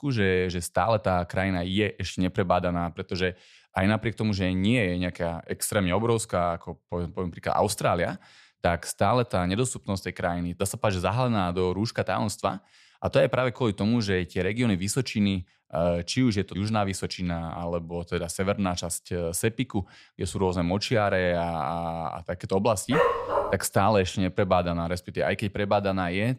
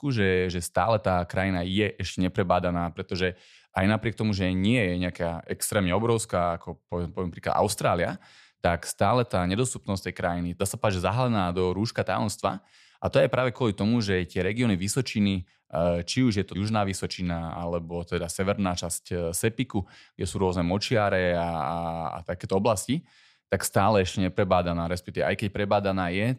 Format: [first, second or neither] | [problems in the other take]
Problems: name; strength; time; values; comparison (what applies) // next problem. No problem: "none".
second | dog barking; loud; at 23 s; peak 3 dB above the speech